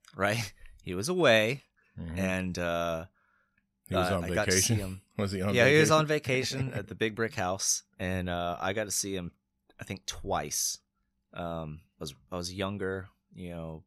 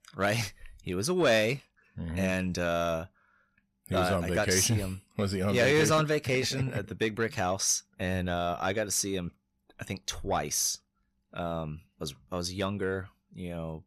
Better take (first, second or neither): first